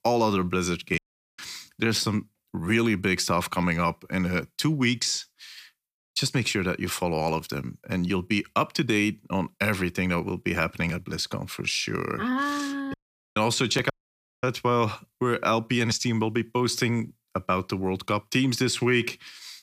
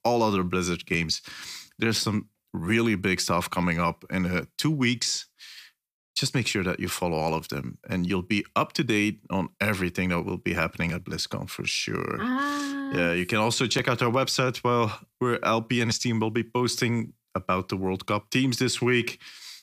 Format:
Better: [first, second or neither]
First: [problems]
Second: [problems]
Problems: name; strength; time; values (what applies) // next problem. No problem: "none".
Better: second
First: audio cutting out; at 1 s, at 13 s and at 14 s for 0.5 s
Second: none